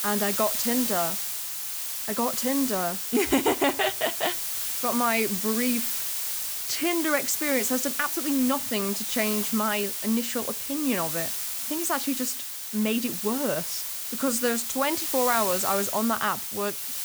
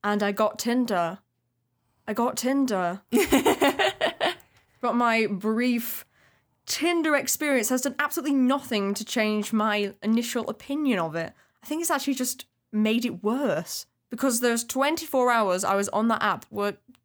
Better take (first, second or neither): second